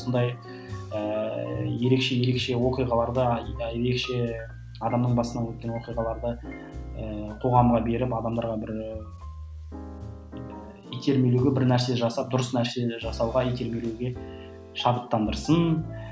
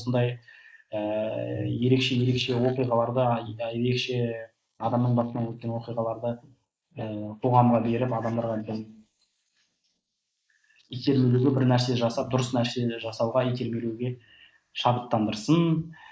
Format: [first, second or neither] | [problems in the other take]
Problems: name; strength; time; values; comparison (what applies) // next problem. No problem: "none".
first | noise reduction (neural mask model Resemble Enhance denoiser)